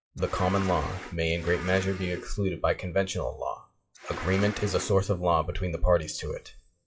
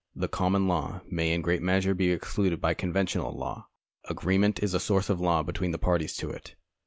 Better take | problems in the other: second | noise reduction (classical method WPE with log-MMSE)

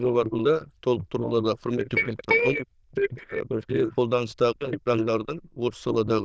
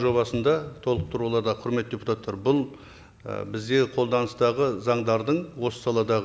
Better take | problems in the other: second | noise reduction (neural diffusion model UNIVERSE++)

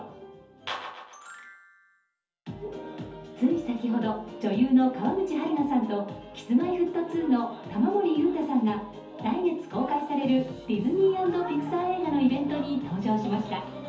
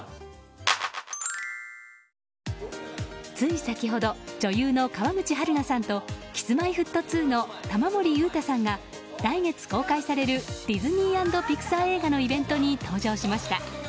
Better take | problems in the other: second | room echo; dies away in 0.5 s

